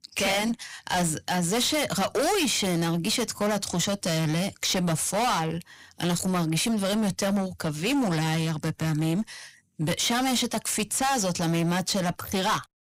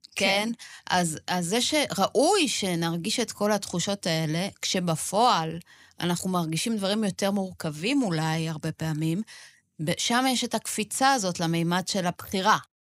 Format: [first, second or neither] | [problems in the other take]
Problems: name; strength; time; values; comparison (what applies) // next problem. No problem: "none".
second | distortion; heavy; 20% of the sound clipped